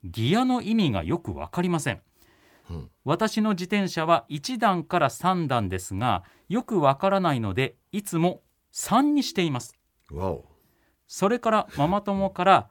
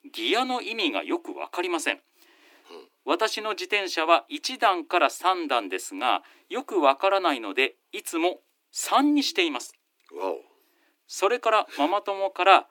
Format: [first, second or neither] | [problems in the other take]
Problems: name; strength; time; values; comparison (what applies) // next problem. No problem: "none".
first | thin; somewhat; fading below 300 Hz